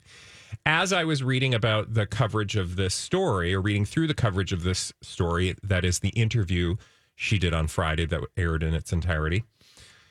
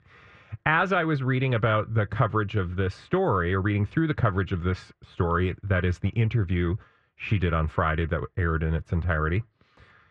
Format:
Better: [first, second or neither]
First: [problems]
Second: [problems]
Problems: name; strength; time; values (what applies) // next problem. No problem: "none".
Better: first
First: none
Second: muffled; very; fading above 1.5 kHz